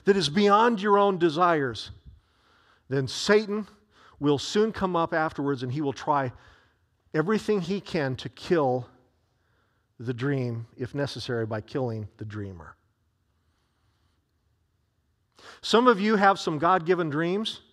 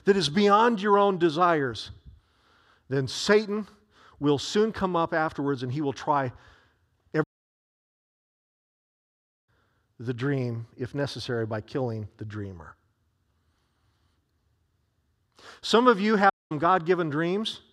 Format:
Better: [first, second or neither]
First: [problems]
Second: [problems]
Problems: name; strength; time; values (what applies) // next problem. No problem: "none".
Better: first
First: none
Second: audio cutting out; at 7 s for 2 s and at 16 s